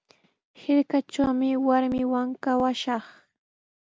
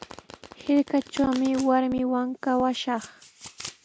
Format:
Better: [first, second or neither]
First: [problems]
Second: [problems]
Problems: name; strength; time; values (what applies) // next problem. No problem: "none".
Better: first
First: none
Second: background sound (Domestic sounds, home sounds); 18 dB below the speech